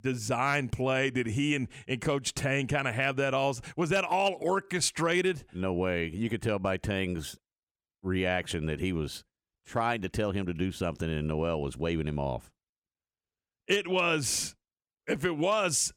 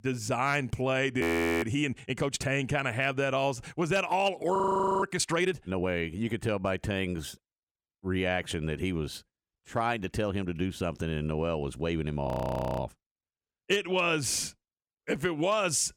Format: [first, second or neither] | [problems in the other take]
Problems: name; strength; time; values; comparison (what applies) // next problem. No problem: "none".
first | audio freezing; at 1 s, at 4.5 s and at 12 s for 0.5 s